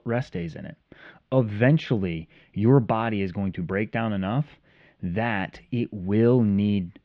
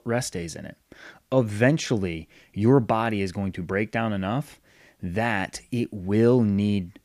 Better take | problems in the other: second | muffled; slightly; fading above 3.5 kHz

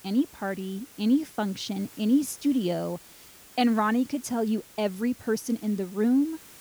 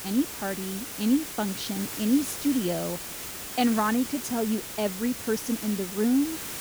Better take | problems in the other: first | hiss; loud; throughout; 7 dB below the speech; faint in the first

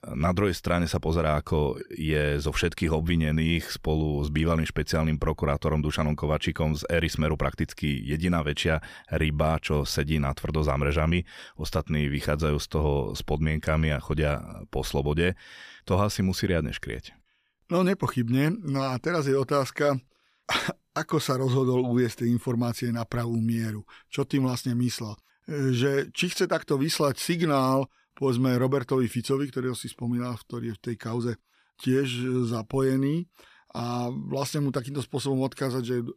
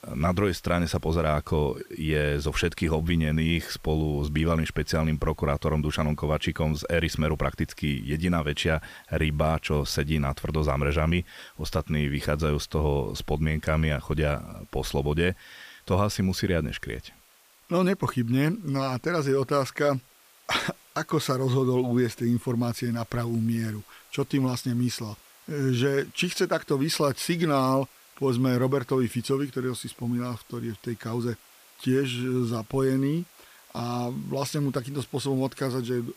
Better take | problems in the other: first | hiss; faint; throughout; 25 dB below the speech

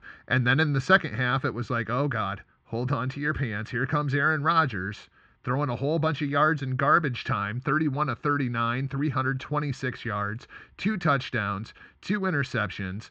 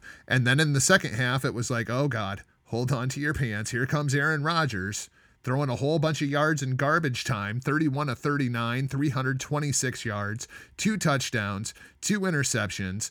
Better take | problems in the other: second | muffled; very; fading above 3.5 kHz

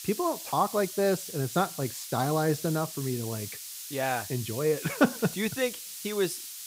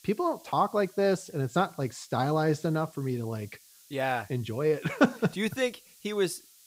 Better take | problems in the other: second | hiss; loud; throughout; 8 dB below the speech; faint in the second

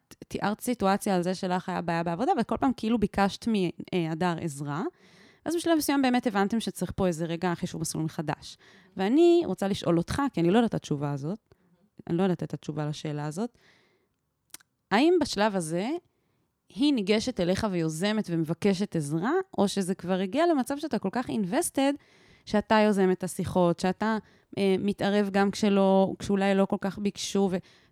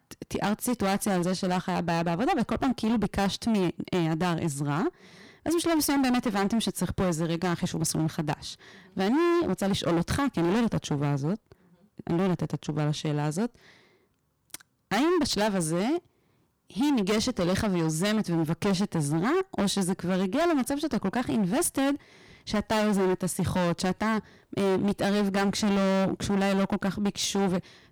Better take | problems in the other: first | distortion; heavy; 20% of the sound clipped

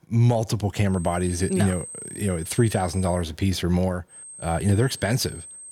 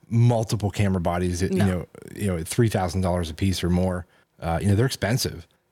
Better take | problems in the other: second | high-pitched whine; noticeable; from 1 to 3 s and from 4 s on; 8.5 kHz, 15 dB below the speech

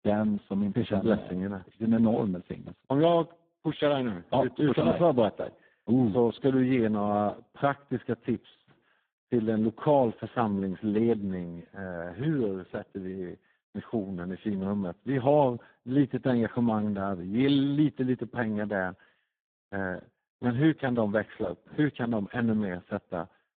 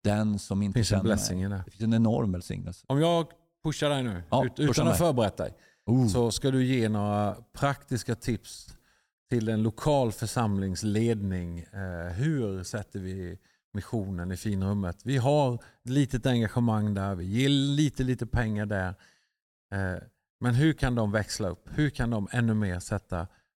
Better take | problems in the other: second | phone-call audio; poor line; nothing above 3.5 kHz

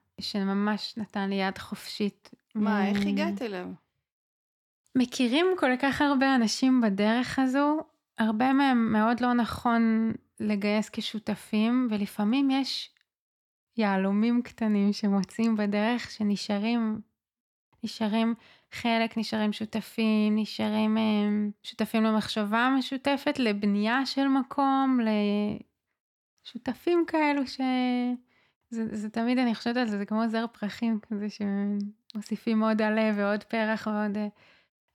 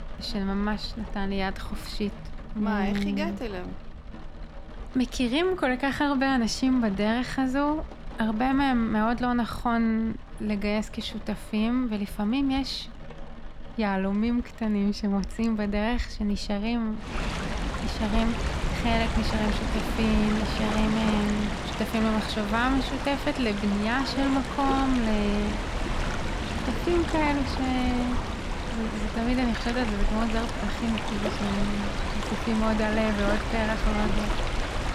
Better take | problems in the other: first | rain or running water; loud; throughout; 5 dB below the speech

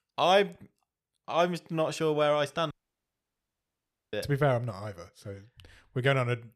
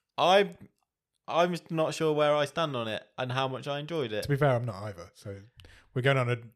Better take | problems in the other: second | audio cutting out; at 2.5 s for 1.5 s

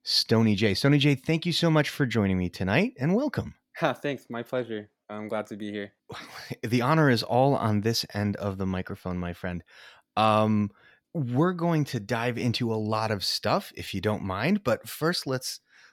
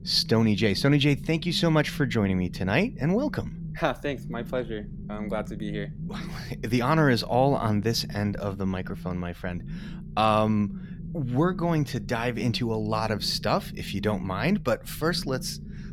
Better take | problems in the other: first | low rumble; noticeable; throughout; 20 dB below the speech

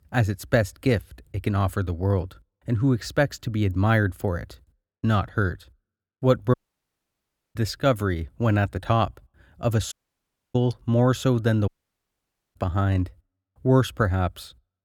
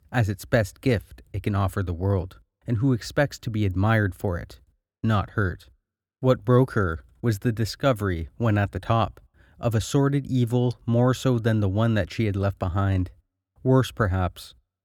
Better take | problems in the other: second | audio cutting out; at 6.5 s for 1 s, at 10 s for 0.5 s and at 12 s for 1 s

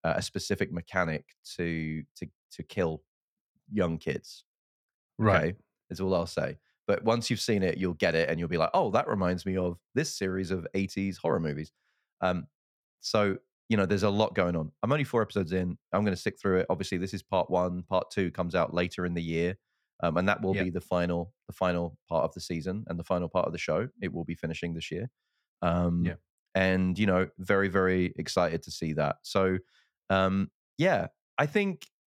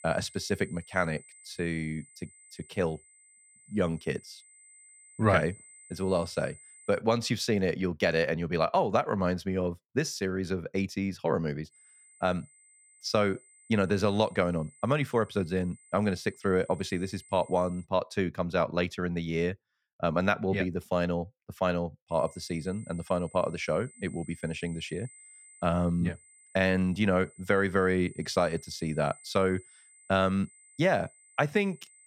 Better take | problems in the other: first | high-pitched whine; faint; until 7 s, from 12 to 18 s and from 22 s on; 8 kHz, 25 dB below the speech

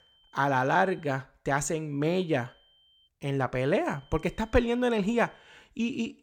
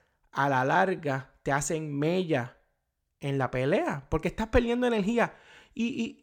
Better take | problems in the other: second | high-pitched whine; faint; until 1 s, from 2 to 3 s and from 4 to 5.5 s; 3 kHz, 30 dB below the speech

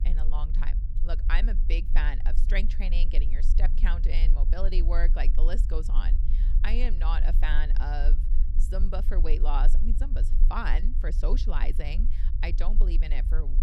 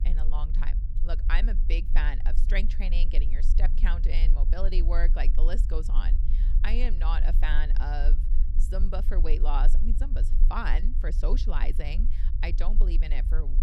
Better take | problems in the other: neither | low rumble; noticeable; throughout; 15 dB below the speech; the same in both

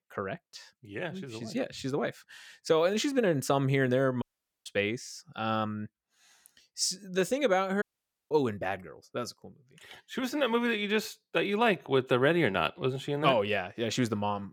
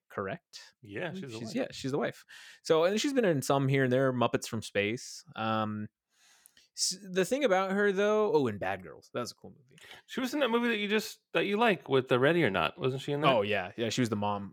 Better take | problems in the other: second | audio cutting out; at 4 s and at 8 s

